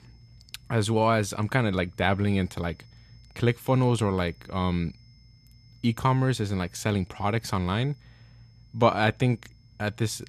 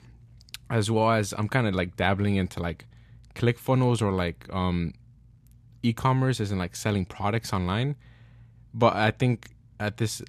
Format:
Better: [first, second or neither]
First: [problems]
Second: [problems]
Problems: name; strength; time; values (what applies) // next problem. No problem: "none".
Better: second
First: high-pitched whine; faint; throughout; 5 kHz, 35 dB below the speech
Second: none